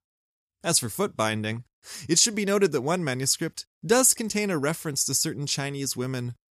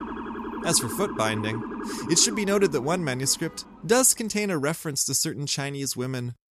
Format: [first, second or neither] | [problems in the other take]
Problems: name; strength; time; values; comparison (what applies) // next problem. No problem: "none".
first | siren; noticeable; until 4 s; peak 9 dB below the speech